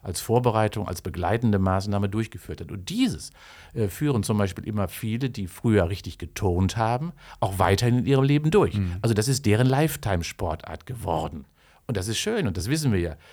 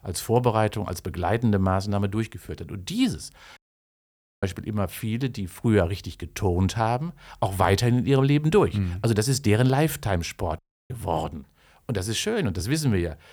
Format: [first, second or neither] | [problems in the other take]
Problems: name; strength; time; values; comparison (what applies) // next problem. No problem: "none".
first | audio cutting out; at 3.5 s for 1 s and at 11 s